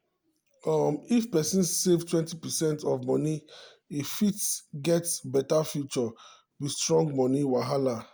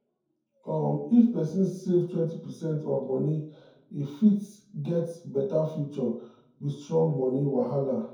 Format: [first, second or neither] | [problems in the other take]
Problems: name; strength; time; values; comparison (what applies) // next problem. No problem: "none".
first | room echo; dies away in 0.6 s